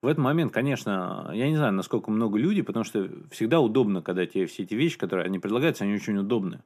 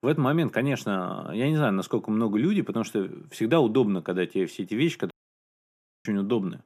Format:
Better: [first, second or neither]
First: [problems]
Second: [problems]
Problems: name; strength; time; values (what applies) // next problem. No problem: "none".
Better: first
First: none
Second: audio cutting out; at 5 s for 1 s